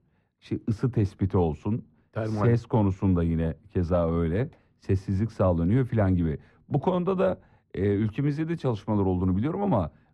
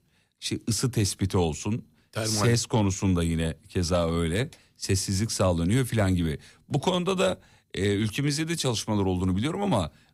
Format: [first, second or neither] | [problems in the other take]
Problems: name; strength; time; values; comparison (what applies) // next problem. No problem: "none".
second | muffled; very; fading above 3 kHz